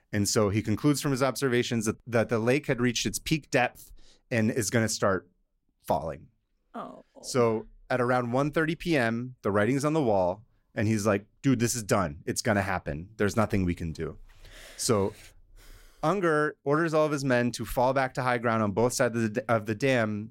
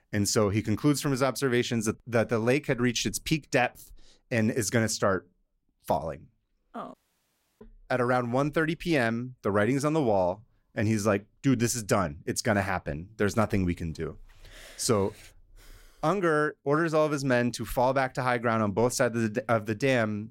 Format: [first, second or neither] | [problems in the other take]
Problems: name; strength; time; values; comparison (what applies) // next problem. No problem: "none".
first | audio cutting out; at 7 s for 0.5 s